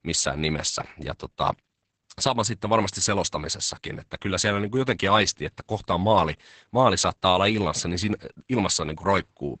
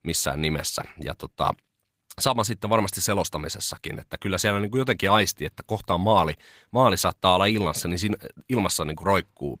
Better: second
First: garbled, watery; badly; nothing above 8 kHz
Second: garbled, watery; slightly; nothing above 15.5 kHz

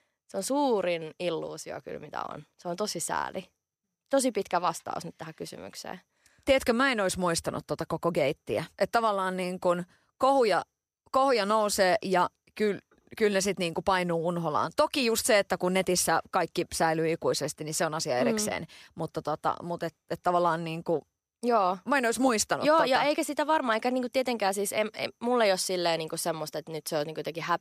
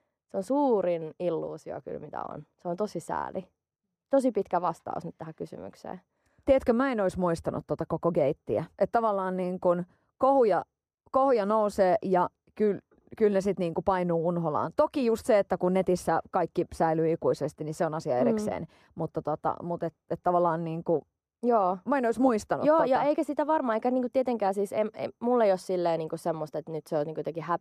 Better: first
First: none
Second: muffled; very; fading above 1.5 kHz

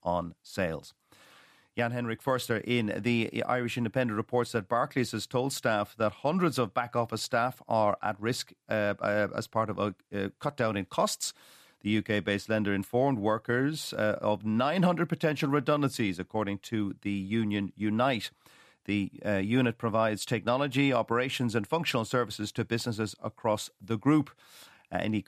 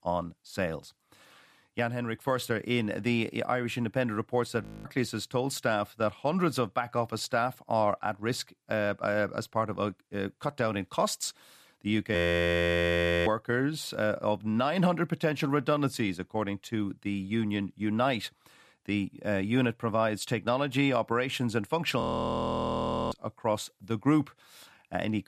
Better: first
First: none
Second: audio freezing; at 4.5 s, at 12 s for 1 s and at 22 s for 1 s

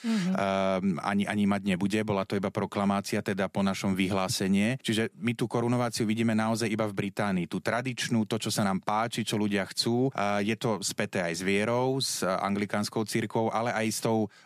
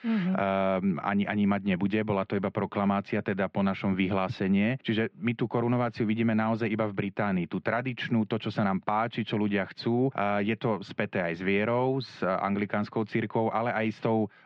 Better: first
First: none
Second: muffled; very; fading above 3 kHz

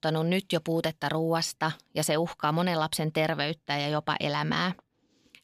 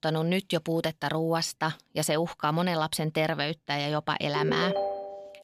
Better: first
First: none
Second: phone ringing; noticeable; at 4.5 s; peak 1 dB below the speech

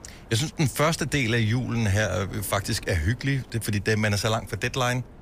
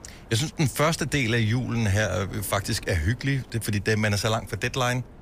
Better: neither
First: wind noise on the microphone; occasional gusts; 25 dB below the speech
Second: wind noise on the microphone; occasional gusts; 25 dB below the speech

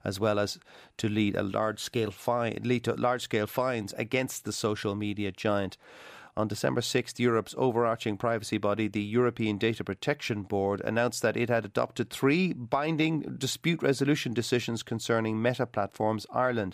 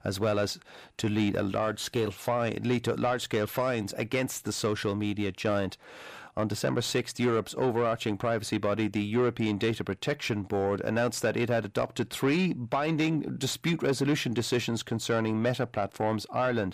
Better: first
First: none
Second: distortion; slight; 10 dB below the speech

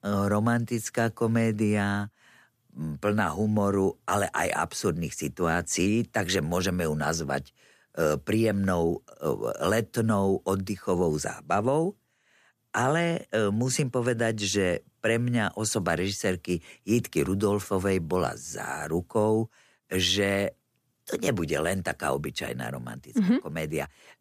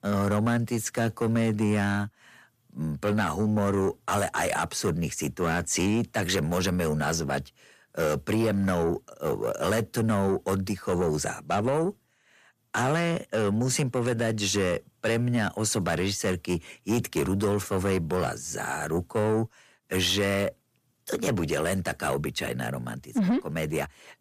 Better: first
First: none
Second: distortion; slight; 10 dB below the speech

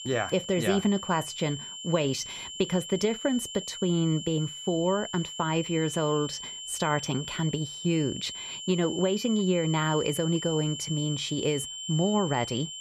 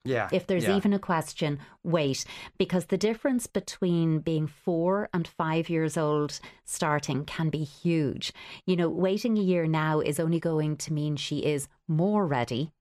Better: second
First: high-pitched whine; loud; throughout; 3 kHz, 8 dB below the speech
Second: none

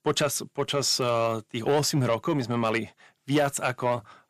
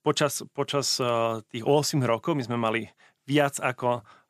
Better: second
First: distortion; slight; 10 dB below the speech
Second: none

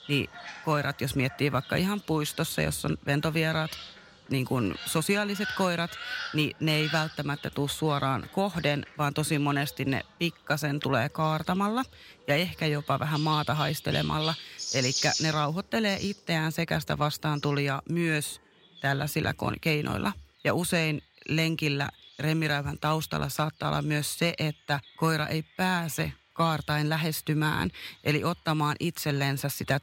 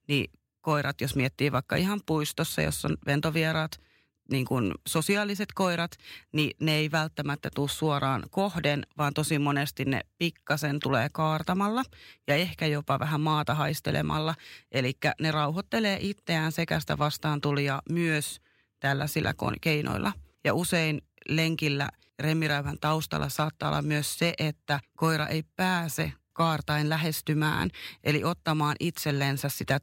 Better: second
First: animal sounds; loud; throughout; 9 dB below the speech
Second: none

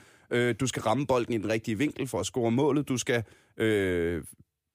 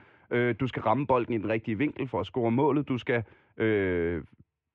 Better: first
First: none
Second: muffled; very; fading above 2.5 kHz

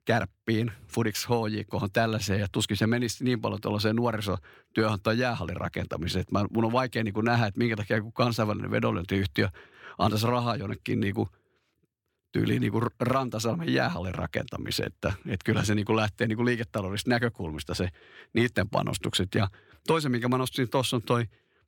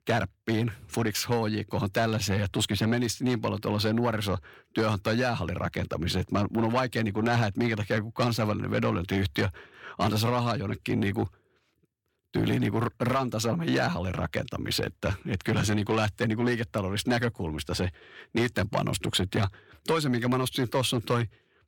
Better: first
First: none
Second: distortion; slight; 10 dB below the speech

